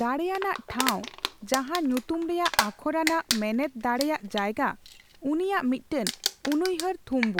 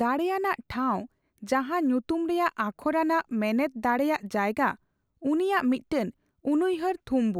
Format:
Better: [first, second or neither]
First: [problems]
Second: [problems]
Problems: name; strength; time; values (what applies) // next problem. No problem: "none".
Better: second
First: background sound (Crumpling, crinkling); 7 dB below the speech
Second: none